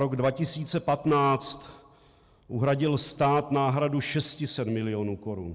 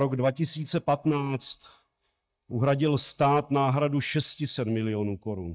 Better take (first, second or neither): first